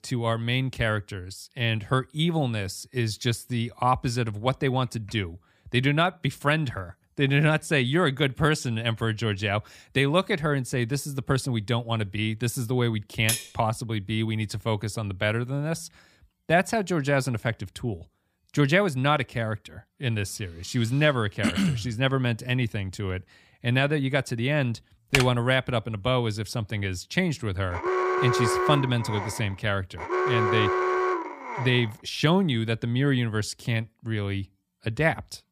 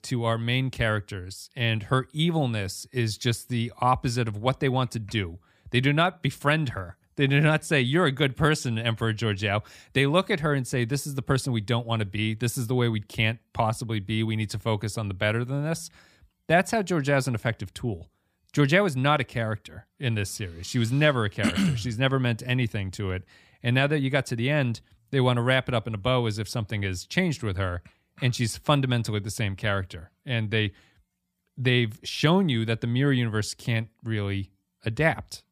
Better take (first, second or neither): second